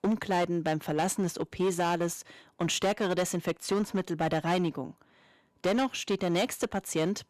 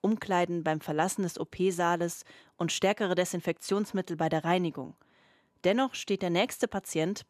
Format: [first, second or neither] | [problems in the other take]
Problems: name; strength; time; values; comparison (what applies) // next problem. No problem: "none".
second | distortion; slight; 10% of the sound clipped